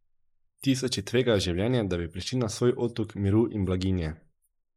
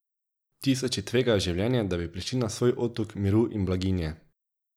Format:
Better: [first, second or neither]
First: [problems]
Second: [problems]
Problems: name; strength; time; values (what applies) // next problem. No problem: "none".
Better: second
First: noise reduction (neural mask model Resemble Enhance denoiser)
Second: none